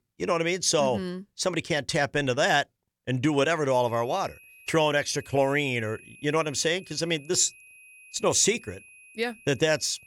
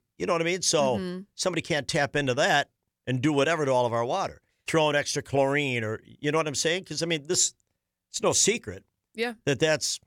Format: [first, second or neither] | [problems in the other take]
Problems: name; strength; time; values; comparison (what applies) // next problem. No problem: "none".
second | high-pitched whine; faint; from 3.5 s on; 2.5 kHz, 25 dB below the speech